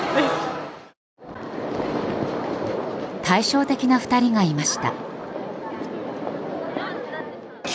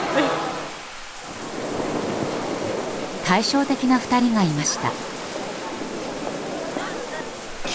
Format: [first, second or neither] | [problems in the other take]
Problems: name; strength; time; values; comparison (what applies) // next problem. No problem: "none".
first | background sound (Bathtub (filling or washing)); 11 dB below the speech